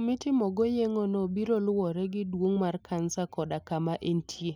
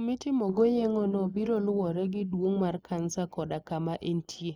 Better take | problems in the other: first | noise reduction (neural mask model Resemble Enhance denoiser)

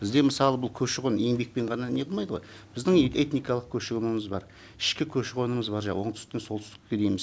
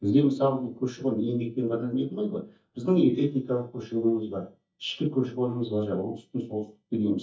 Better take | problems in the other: first | noise reduction (neural mask model DeepFilterNet 3)

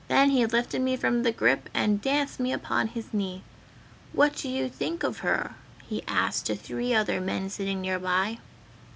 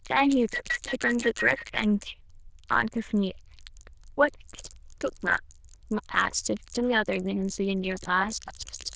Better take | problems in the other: first | noise reduction (neural diffusion model UNIVERSE++)

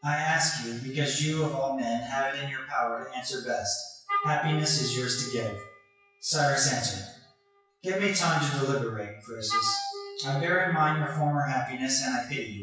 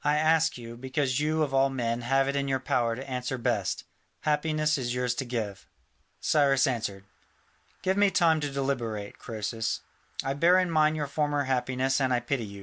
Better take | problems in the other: second | noise reduction (classical method WPE with log-MMSE)

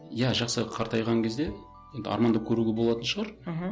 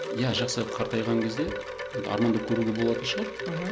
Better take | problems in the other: first | background sound (Wind chime); 5 dB below the speech

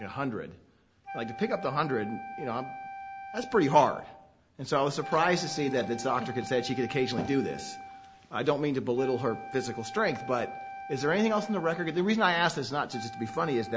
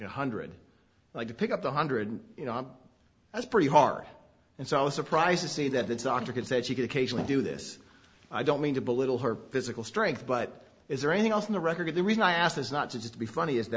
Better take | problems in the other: second | background sound (Wind instrument, woodwind instrument); 13 dB below the speech

